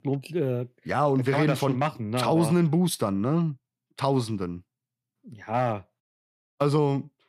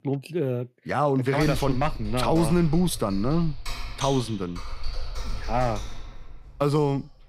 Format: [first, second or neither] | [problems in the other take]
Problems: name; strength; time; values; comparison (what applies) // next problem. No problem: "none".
first | keyboard typing; noticeable; from 1.5 s on; peak 9 dB below the speech